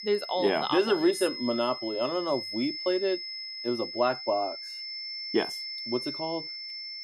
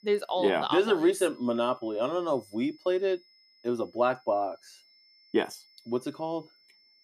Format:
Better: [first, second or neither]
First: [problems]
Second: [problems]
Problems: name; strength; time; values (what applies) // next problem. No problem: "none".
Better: second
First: high-pitched whine; loud; throughout; 5.5 kHz, 6 dB below the speech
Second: high-pitched whine; faint; throughout; 5.5 kHz, 30 dB below the speech